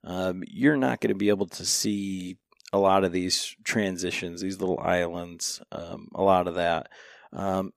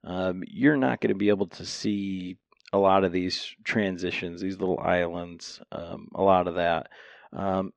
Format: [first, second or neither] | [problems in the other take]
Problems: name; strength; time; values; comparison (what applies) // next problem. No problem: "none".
first | muffled; slightly; fading above 4 kHz